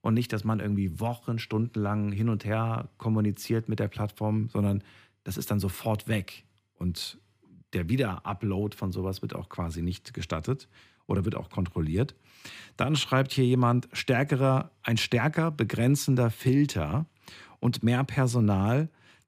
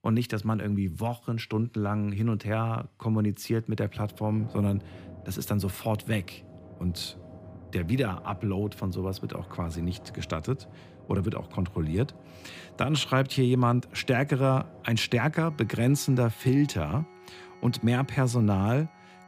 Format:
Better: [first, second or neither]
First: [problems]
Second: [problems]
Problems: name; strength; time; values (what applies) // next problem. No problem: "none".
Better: first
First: none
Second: background music; faint; from 4 s on; 20 dB below the speech